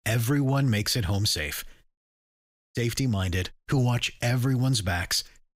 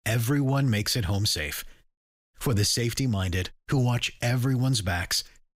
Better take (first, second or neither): second